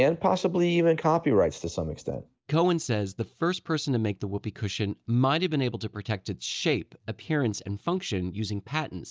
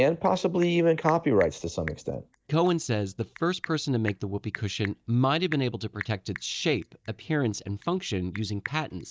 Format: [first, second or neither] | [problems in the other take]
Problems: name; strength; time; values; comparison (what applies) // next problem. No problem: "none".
first | noise reduction (neural mask model DeepFilterNet 3)